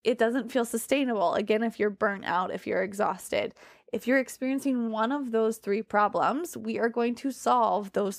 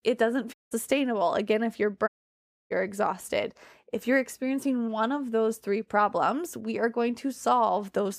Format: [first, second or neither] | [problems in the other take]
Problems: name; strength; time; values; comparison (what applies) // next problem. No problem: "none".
first | audio cutting out; at 0.5 s and at 2 s for 0.5 s